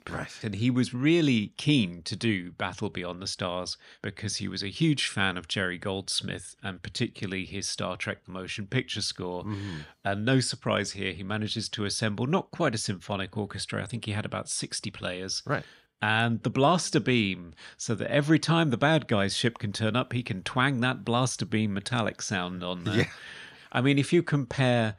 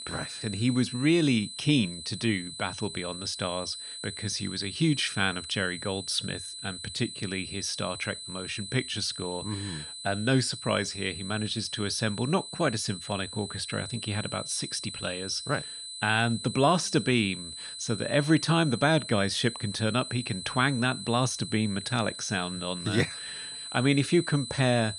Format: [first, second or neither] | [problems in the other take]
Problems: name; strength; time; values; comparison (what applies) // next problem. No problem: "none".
first | high-pitched whine; loud; throughout; 4 kHz, 9 dB below the speech